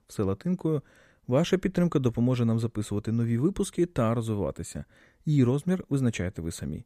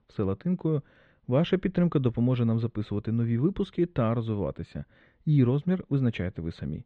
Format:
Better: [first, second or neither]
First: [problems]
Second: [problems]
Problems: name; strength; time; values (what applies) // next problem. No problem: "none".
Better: first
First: none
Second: muffled; slightly; fading above 3.5 kHz